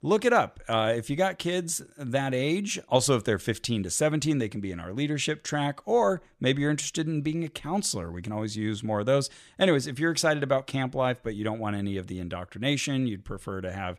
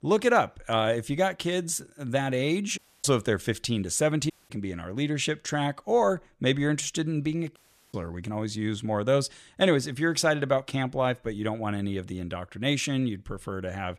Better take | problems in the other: first | audio cutting out; at 3 s, at 4.5 s and at 7.5 s

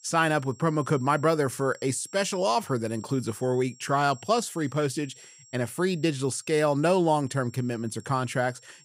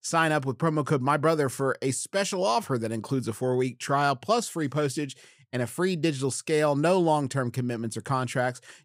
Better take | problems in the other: second | high-pitched whine; faint; throughout; 7.5 kHz, 25 dB below the speech

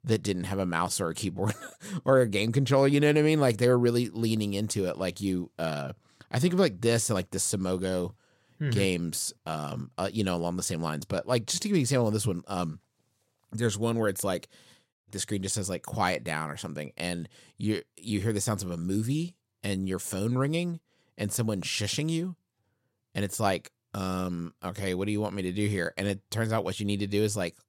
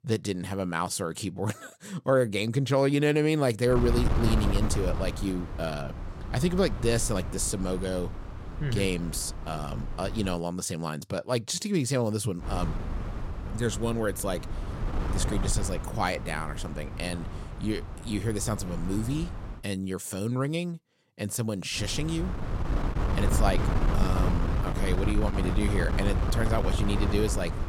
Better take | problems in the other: first | wind noise on the microphone; heavy; from 3.5 to 10 s, from 12 to 20 s and from 22 s on; 7 dB below the speech

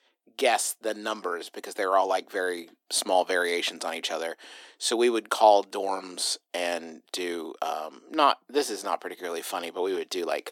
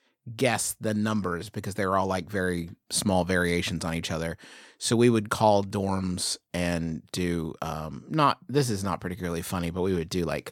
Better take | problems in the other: second | thin; very; fading below 300 Hz

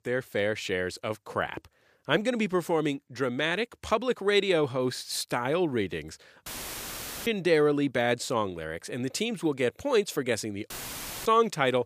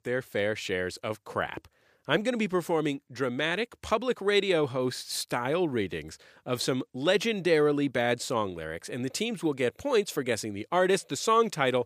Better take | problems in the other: second | audio cutting out; filled with static; at 6.5 s for 1 s and at 11 s for 0.5 s

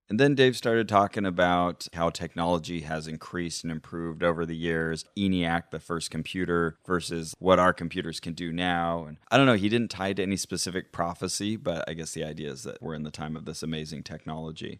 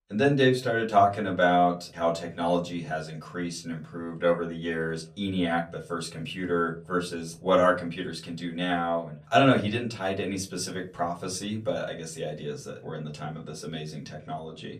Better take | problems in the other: first | off-mic speech; far // room echo; very slight; dies away in 0.3 s

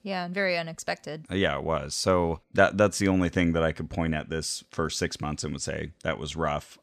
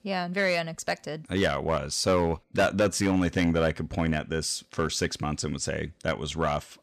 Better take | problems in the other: first | distortion; slight; 4% of the sound clipped

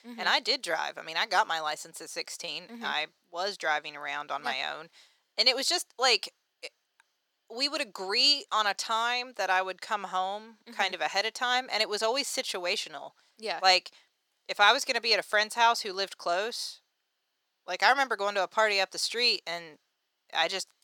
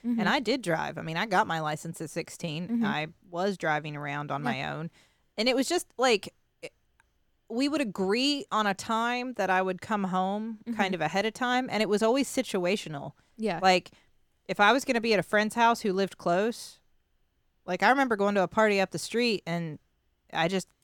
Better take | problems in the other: second | thin; very; fading below 650 Hz

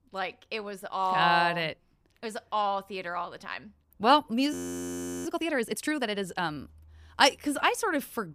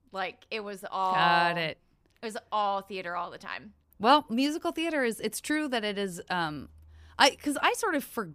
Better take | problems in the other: second | audio freezing; at 4.5 s for 0.5 s

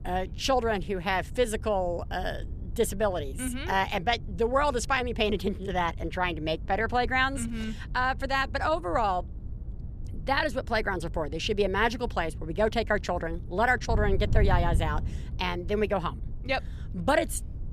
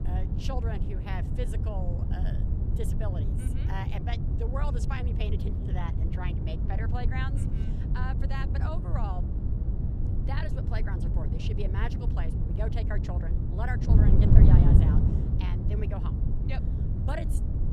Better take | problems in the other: first | wind noise on the microphone; heavy; as loud as the speech; occasional gusts in the first

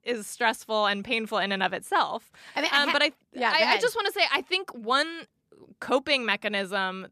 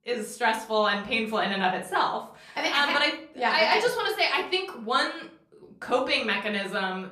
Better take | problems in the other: first | room echo; slight; dies away in 0.5 s // off-mic speech; far

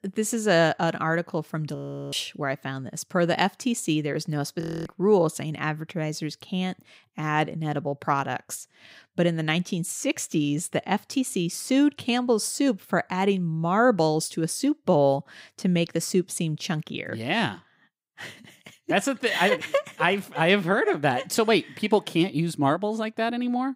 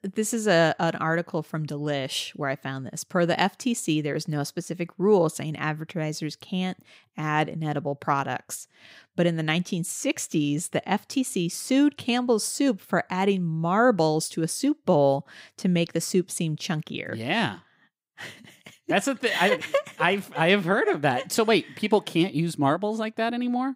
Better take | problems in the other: second | audio freezing; at 2 s and at 4.5 s

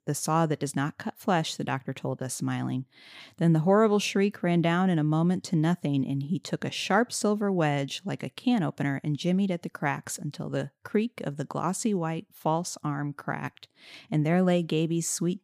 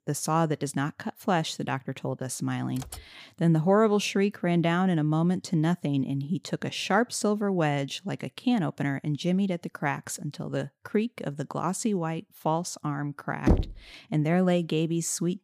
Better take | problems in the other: first | keyboard typing; faint; at 3 s; peak 15 dB below the speech // door banging; loud; at 13 s; peak 2 dB above the speech

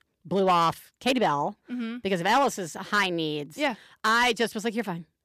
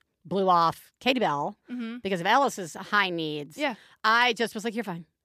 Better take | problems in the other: second | distortion; slight; 4% of the sound clipped

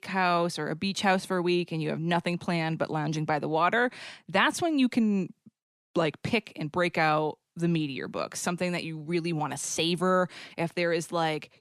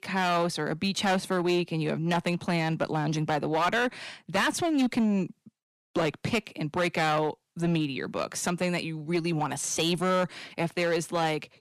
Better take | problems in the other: first | distortion; slight; 9% of the sound clipped

